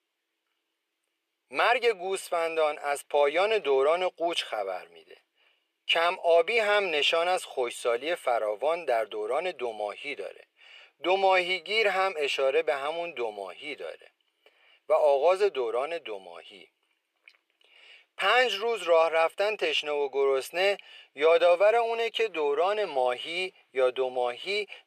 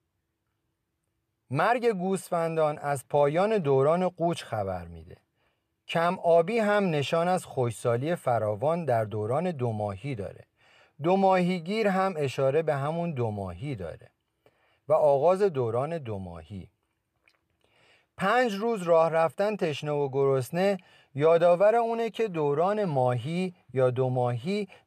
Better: second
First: thin; very; fading below 400 Hz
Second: none

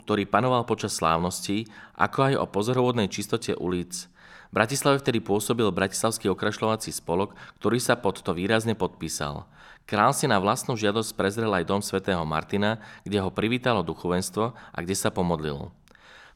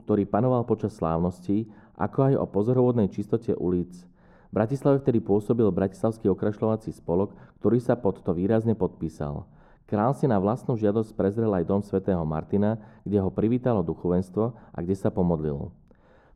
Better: first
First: none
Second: muffled; very; fading above 1 kHz

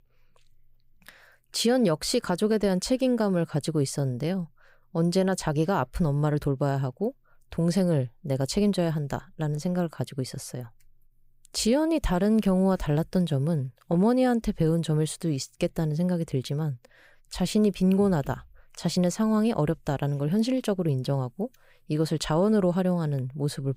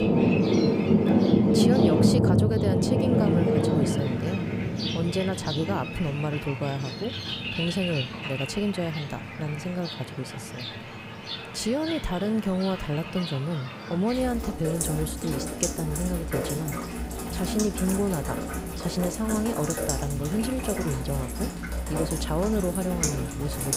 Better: first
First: none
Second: rain or running water; very loud; throughout; 2 dB above the speech

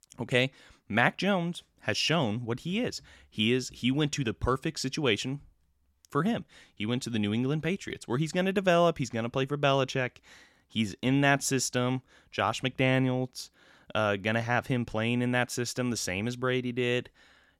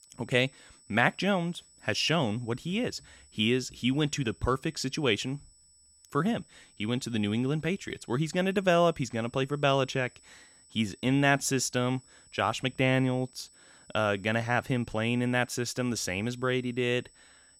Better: first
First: none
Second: high-pitched whine; faint; throughout; 8 kHz, 30 dB below the speech

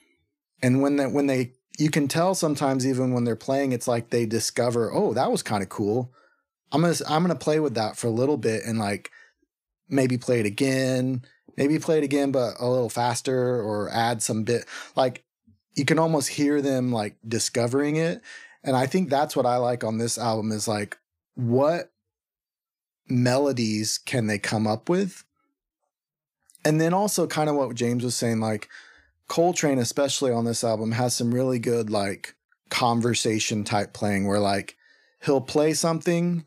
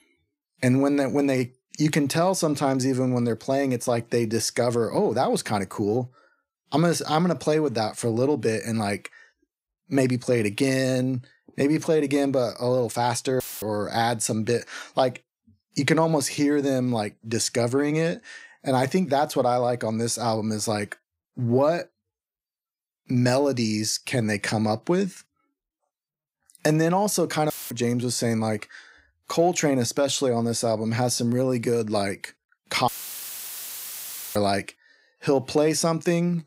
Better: first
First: none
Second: audio cutting out; filled with static; at 13 s, at 28 s and at 33 s for 1.5 s

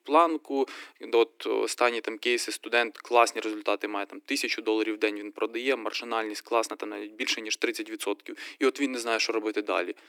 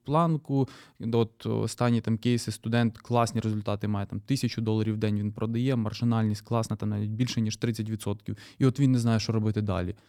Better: second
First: thin; very; fading below 300 Hz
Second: none

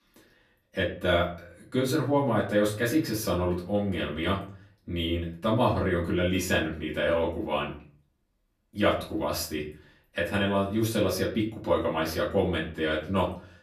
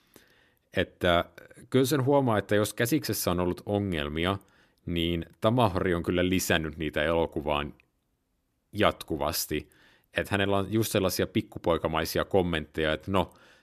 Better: second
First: off-mic speech; far // room echo; slight; dies away in 0.4 s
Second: none

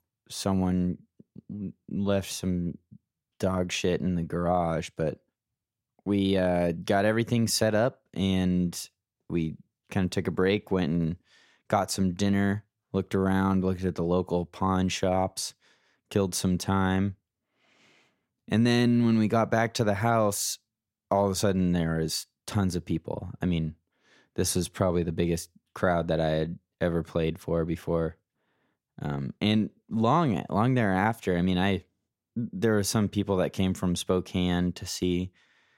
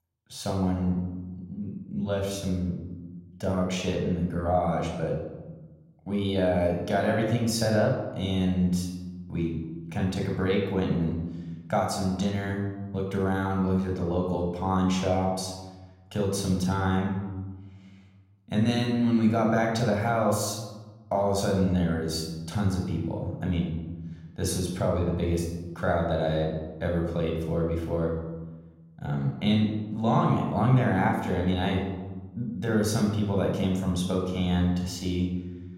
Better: first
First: none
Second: off-mic speech; somewhat distant // room echo; noticeable; dies away in 1.1 s

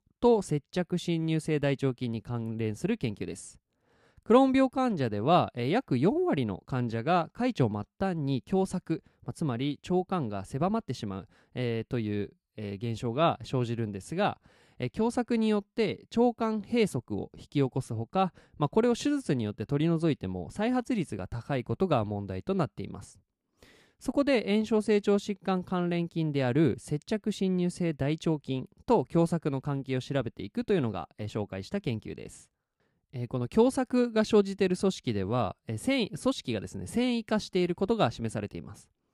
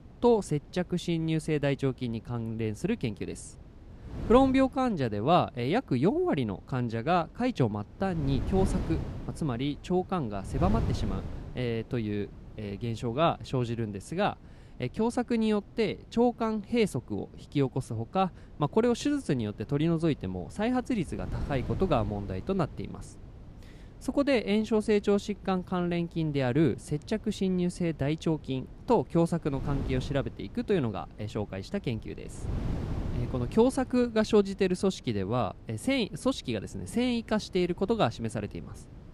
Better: first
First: none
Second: wind noise on the microphone; occasional gusts; 20 dB below the speech

